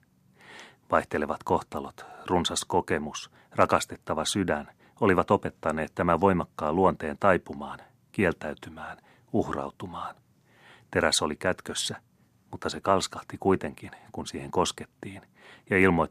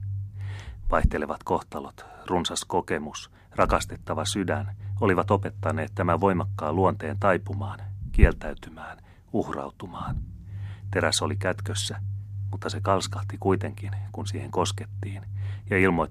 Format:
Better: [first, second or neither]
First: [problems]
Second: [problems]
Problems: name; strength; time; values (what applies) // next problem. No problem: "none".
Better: first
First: none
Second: low rumble; faint; throughout; 20 dB below the speech